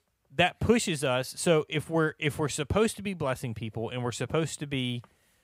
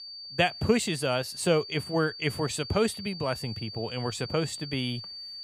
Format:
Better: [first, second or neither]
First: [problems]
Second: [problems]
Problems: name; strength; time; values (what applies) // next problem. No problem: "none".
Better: first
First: none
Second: high-pitched whine; loud; throughout; 4.5 kHz, 10 dB below the speech